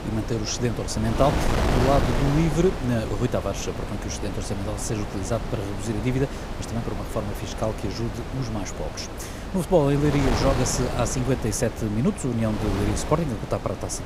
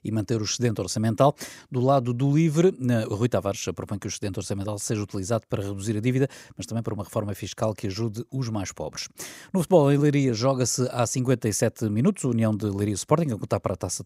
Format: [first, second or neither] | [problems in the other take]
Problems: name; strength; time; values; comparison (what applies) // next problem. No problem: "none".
second | wind noise on the microphone; heavy; 4 dB below the speech